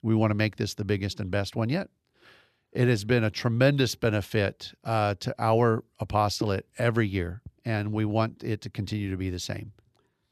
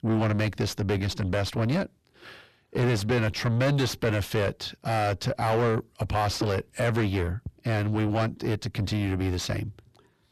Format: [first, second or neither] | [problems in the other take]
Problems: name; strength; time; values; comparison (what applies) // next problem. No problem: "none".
first | distortion; heavy; 4 dB below the speech